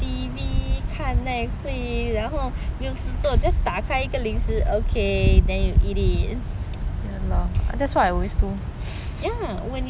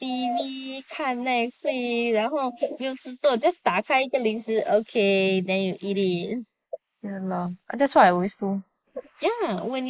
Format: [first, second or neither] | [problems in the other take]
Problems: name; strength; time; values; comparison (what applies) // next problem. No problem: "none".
first | noise reduction (neural mask model Resemble Enhance denoiser)